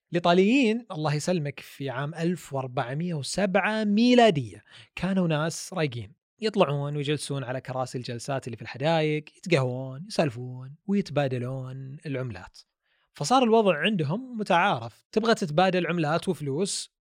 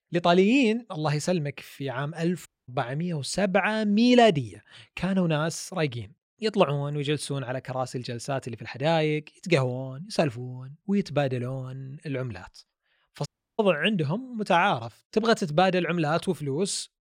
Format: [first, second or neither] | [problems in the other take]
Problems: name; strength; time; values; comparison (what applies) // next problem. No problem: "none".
first | audio cutting out; at 2.5 s and at 13 s